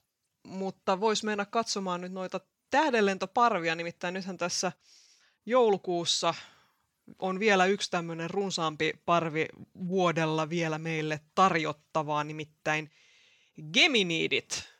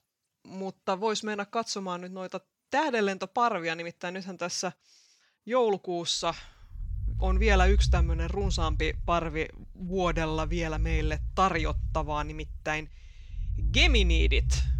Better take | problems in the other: first | low rumble; faint; from 6 s on; 20 dB below the speech

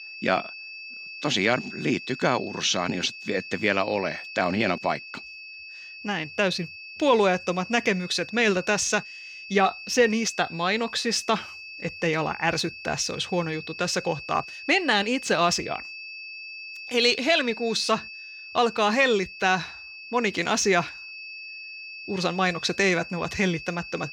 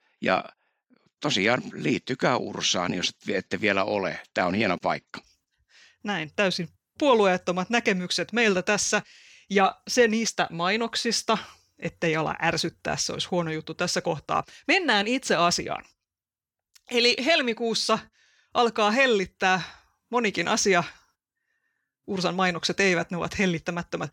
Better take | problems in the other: second | high-pitched whine; noticeable; throughout; 2.5 kHz, 15 dB below the speech

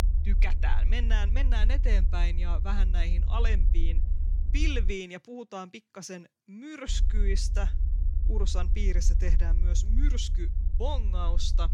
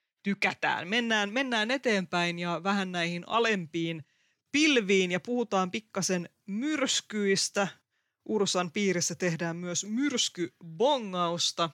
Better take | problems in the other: second | low rumble; noticeable; until 5 s and from 7 s on; 10 dB below the speech

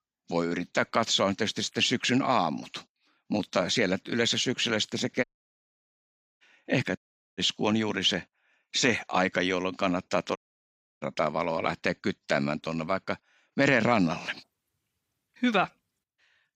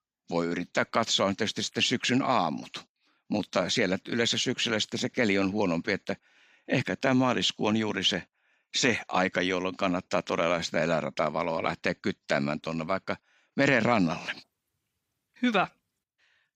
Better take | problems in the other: second | audio cutting out; at 5 s for 1 s, at 7 s and at 10 s for 0.5 s

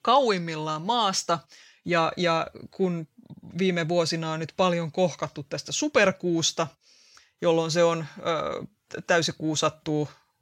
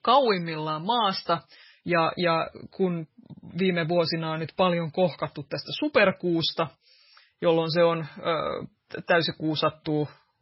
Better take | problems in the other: first | garbled, watery; badly; nothing above 5.5 kHz

